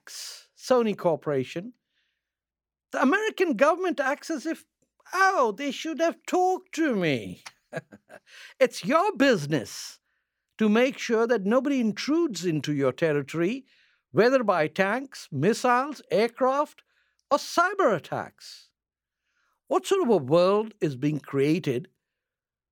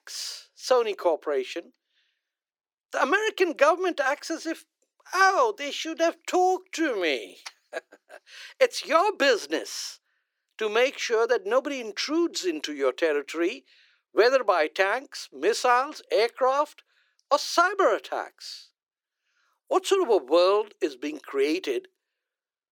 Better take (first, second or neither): first